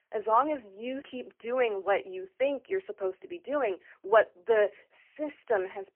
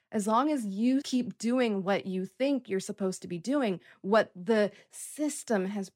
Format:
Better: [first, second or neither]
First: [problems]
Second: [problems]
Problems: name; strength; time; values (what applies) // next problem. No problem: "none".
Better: second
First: phone-call audio; poor line; nothing above 3 kHz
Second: none